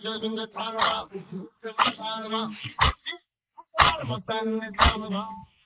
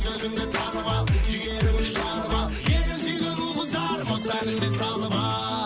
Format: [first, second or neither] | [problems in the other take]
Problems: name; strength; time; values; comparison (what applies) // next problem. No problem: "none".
second | noise reduction (neural mask model Resemble Enhance denoiser)